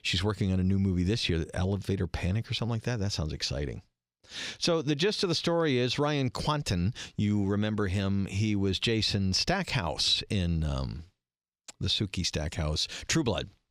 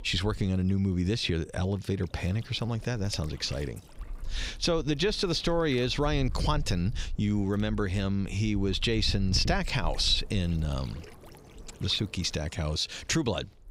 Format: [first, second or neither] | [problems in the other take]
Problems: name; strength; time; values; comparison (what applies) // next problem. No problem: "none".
first | wind noise on the microphone; occasional gusts; 20 dB below the speech